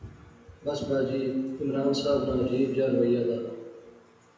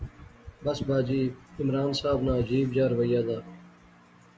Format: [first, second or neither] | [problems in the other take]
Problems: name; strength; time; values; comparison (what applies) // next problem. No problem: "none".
second | background sound (Electric guitar / Strum); 14 dB below the speech // room echo; dies away in 1 s